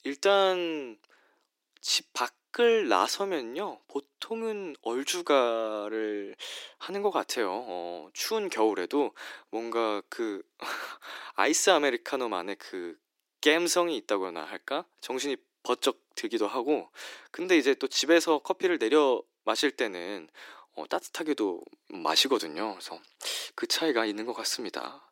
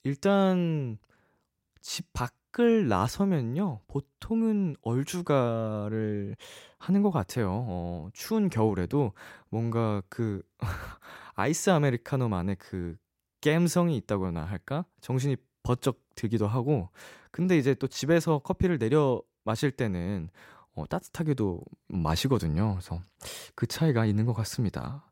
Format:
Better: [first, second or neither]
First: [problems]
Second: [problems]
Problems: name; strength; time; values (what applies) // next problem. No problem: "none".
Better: second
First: thin; very; fading below 300 Hz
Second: none